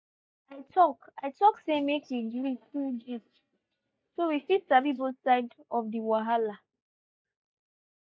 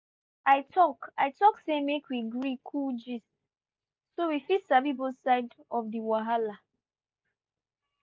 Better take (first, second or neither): second